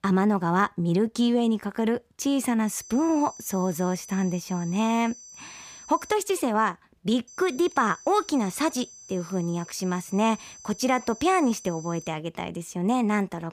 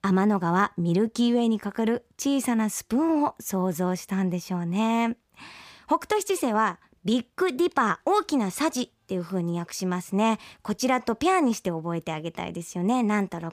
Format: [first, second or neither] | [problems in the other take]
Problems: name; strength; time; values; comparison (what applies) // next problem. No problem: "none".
second | high-pitched whine; noticeable; from 2.5 to 6 s and from 7.5 to 12 s; 6 kHz, 20 dB below the speech